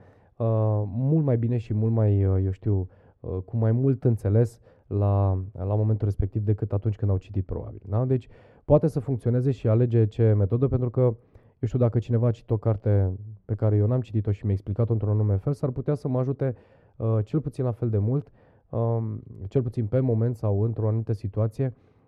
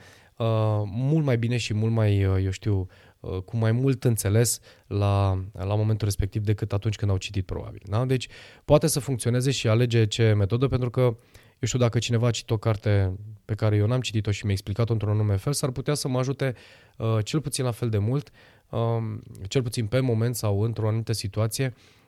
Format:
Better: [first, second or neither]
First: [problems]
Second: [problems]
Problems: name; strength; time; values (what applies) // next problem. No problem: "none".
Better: second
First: muffled; very; fading above 2 kHz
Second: none